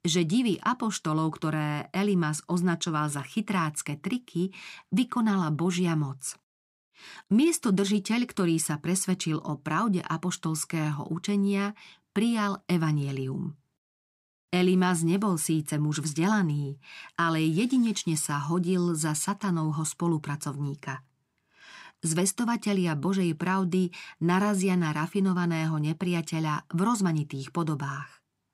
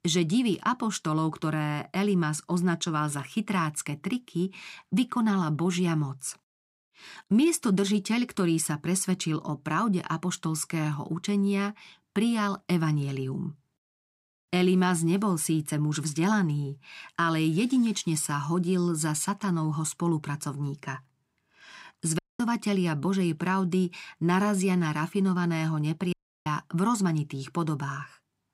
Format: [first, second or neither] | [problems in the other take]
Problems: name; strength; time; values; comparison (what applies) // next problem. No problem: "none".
first | audio cutting out; at 22 s and at 26 s